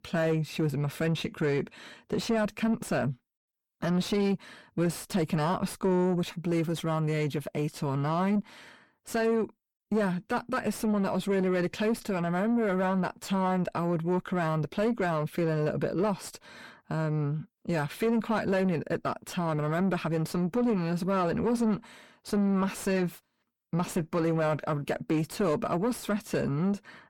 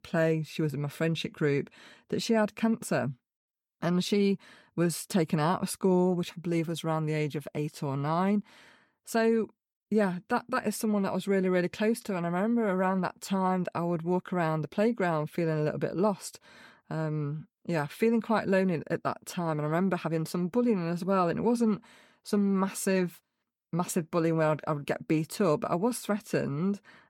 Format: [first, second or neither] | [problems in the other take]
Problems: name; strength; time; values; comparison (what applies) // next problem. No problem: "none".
second | distortion; slight; 10 dB below the speech